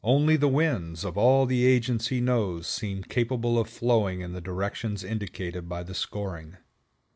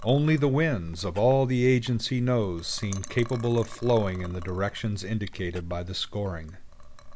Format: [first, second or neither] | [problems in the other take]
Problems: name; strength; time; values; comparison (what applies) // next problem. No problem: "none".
first | background sound (Liquid); 14 dB below the speech